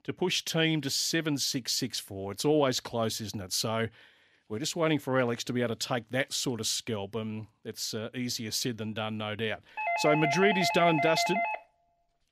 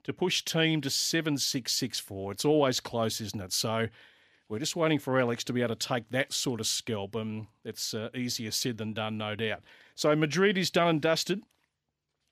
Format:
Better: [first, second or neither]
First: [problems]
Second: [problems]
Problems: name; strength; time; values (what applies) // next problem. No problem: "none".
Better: second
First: doorbell; loud; from 10 to 12 s; peak 1 dB above the speech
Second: none